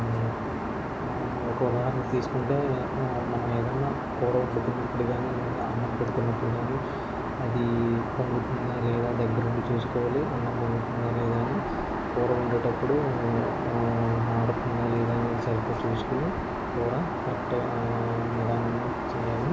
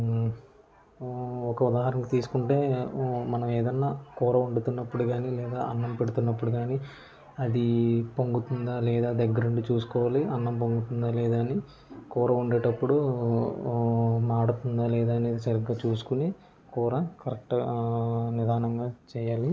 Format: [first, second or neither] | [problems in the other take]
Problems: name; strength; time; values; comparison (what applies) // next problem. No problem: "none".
second | background sound (Aircraft); 2 dB below the speech